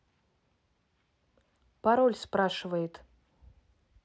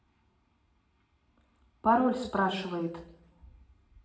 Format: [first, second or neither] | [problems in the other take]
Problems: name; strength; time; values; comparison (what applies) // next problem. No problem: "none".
first | room echo; dies away in 0.8 s